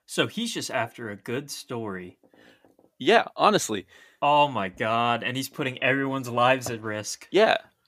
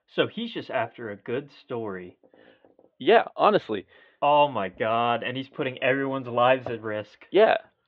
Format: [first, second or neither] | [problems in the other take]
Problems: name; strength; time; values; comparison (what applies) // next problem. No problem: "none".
first | muffled; very; fading above 3.5 kHz